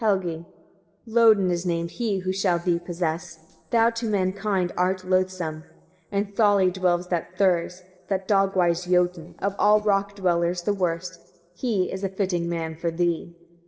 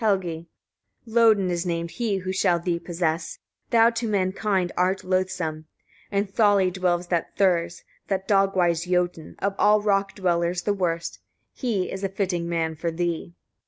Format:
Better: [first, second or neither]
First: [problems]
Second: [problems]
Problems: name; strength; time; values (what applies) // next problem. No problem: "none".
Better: second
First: noise reduction (neural separator model SepFormer DNS4)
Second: none